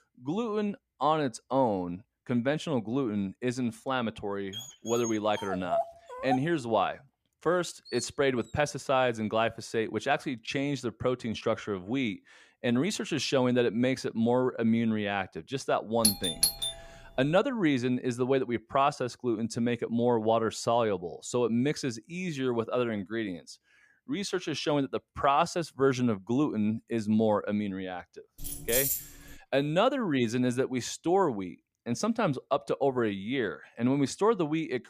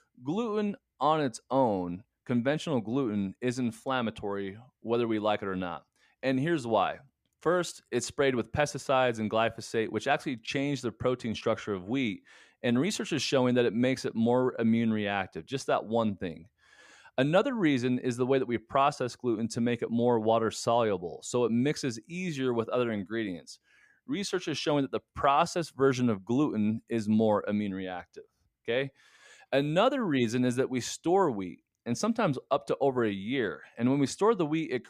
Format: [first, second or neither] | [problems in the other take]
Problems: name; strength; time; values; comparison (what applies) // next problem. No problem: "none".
second | dog barking; noticeable; from 4.5 to 8 s; peak 2 dB below the speech // doorbell; loud; at 16 s; peak 3 dB above the speech // jangling keys; loud; at 28 s; peak 2 dB above the speech